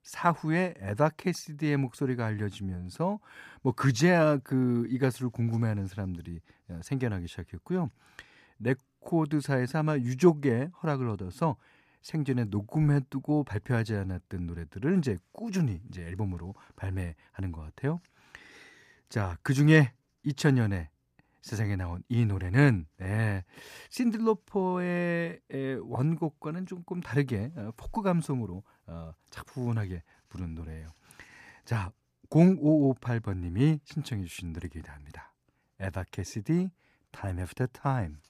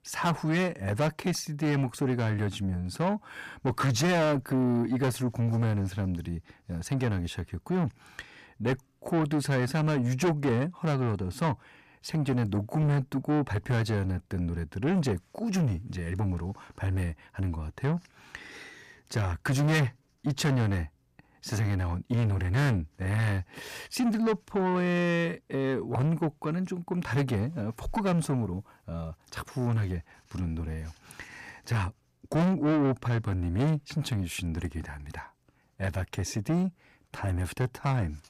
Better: first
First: none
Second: distortion; heavy; 6 dB below the speech

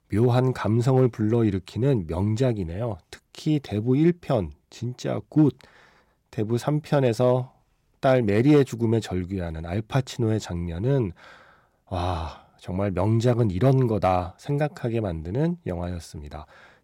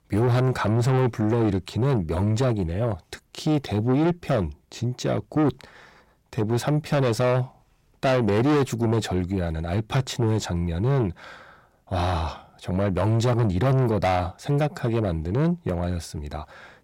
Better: first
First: none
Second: distortion; heavy; 7 dB below the speech

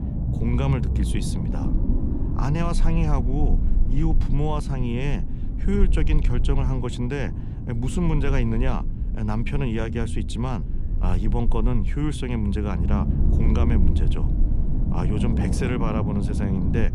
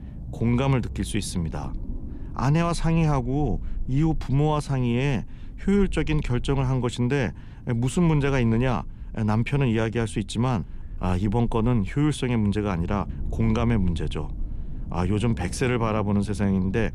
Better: second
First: low rumble; loud; throughout; 6 dB below the speech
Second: low rumble; faint; throughout; 20 dB below the speech

